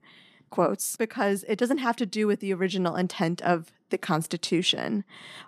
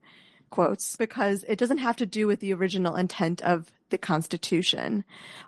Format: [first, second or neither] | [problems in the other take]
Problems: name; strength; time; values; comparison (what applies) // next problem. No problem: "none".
first | garbled, watery; slightly; nothing above 12 kHz